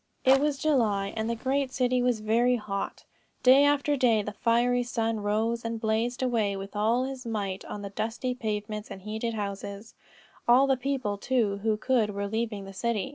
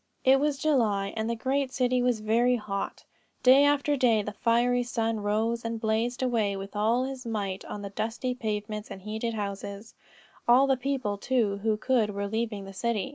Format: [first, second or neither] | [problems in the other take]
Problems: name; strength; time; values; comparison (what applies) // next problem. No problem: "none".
second | background sound (Fire); 19 dB below the speech